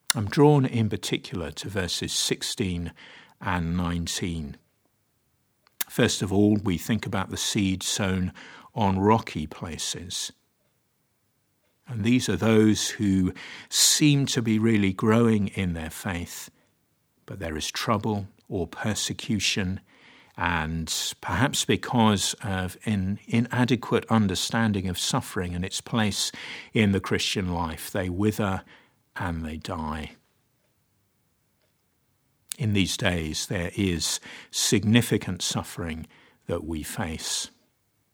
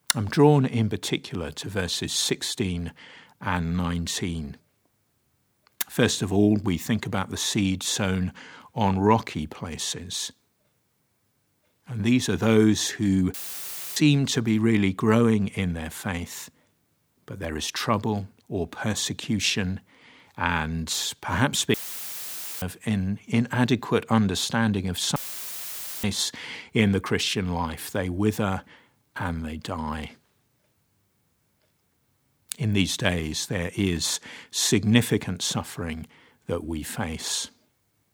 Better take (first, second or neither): first